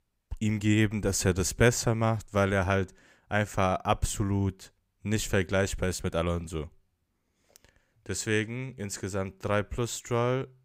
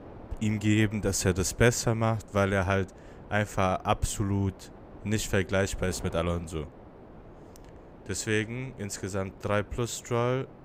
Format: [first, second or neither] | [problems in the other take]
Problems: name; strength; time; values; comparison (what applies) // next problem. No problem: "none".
first | wind noise on the microphone; occasional gusts; 20 dB below the speech